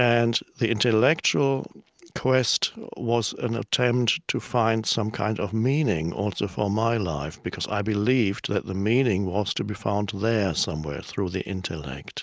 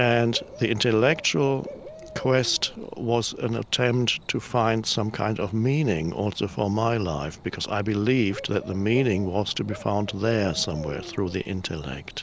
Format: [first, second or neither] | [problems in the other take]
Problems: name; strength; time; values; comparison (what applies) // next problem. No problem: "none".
first | background sound (Cricket / Bird); 18 dB below the speech